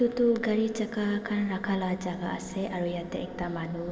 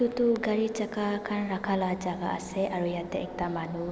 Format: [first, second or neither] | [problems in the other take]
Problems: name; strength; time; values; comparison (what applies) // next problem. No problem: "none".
second | room echo; dies away in 1 s